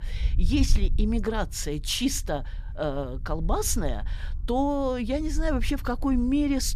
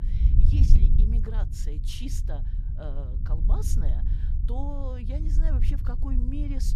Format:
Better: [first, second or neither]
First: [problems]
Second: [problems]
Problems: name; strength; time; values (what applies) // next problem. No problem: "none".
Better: first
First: low rumble; faint; throughout; 25 dB below the speech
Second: low rumble; loud; throughout; 3 dB below the speech